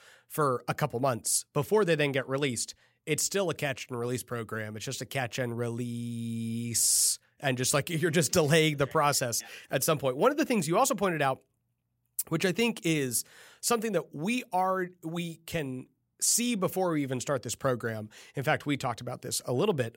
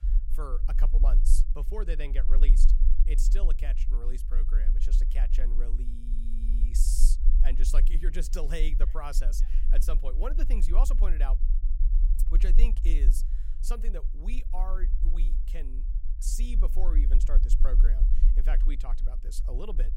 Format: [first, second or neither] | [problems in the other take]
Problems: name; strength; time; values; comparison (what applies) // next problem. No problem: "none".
first | low rumble; noticeable; throughout; 10 dB below the speech